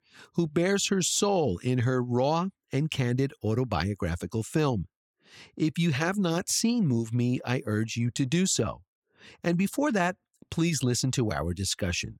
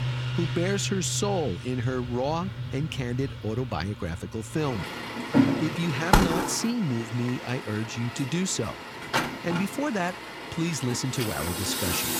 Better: first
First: none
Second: traffic noise; loud; throughout; 1 dB below the speech

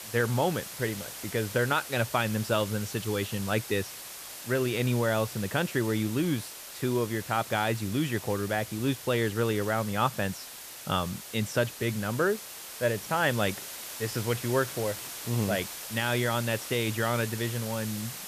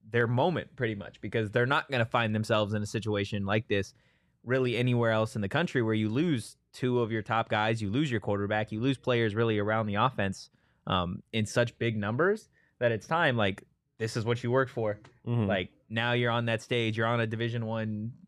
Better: second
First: hiss; loud; throughout; 9 dB below the speech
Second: none

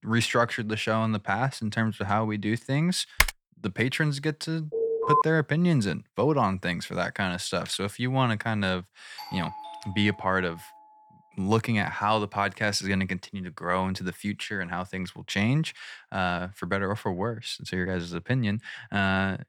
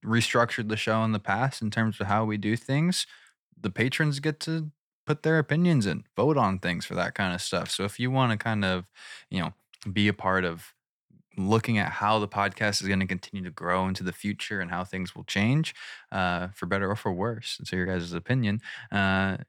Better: second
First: keyboard typing; loud; at 3 s; peak 3 dB above the speech // alarm; loud; at 4.5 s; peak 4 dB above the speech // doorbell; faint; from 9 to 11 s; peak 10 dB below the speech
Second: none

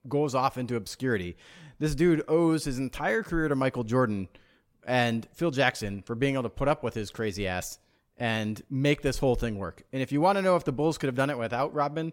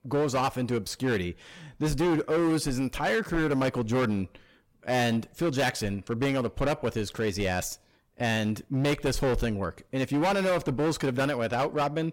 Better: first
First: none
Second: distortion; heavy; 15% of the sound clipped

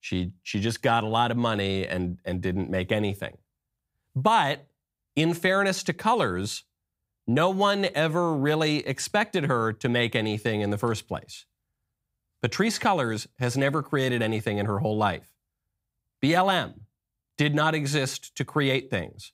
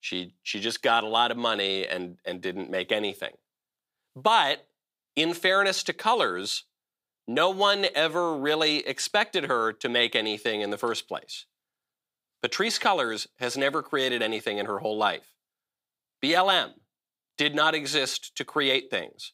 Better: first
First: none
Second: thin; somewhat; fading below 400 Hz

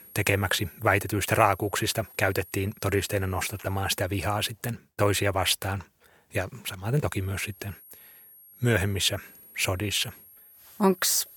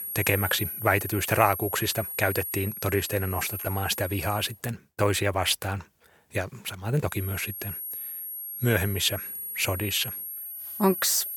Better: first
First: high-pitched whine; faint; until 4.5 s and from 7 s on; 11.5 kHz, 20 dB below the speech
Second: high-pitched whine; loud; until 4.5 s and from 7 s on; 11.5 kHz, 6 dB below the speech

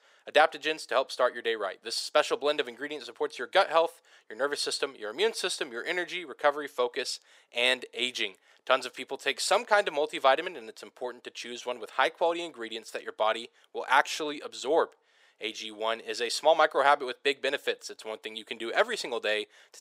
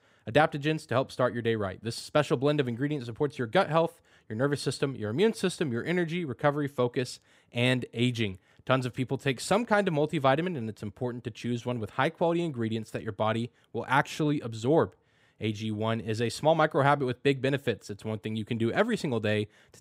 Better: second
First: thin; very; fading below 500 Hz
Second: none

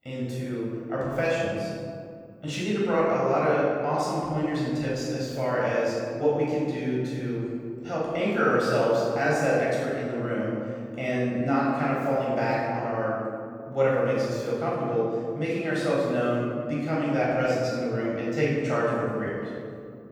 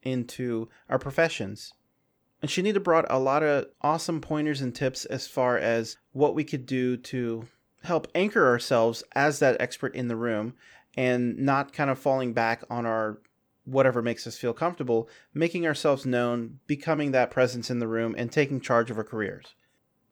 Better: second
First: off-mic speech; far // room echo; strong; dies away in 2.2 s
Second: none

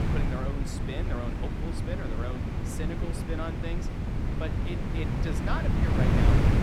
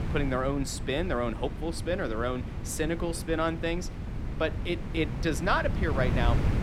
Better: second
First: wind noise on the microphone; heavy; 2 dB above the speech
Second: wind noise on the microphone; occasional gusts; 10 dB below the speech

